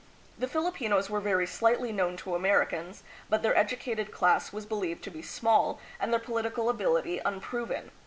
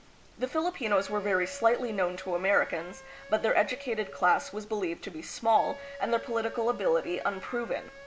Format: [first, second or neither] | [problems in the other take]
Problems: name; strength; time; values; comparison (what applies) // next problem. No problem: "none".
first | background sound (Wind instrument, woodwind instrument); 17 dB below the speech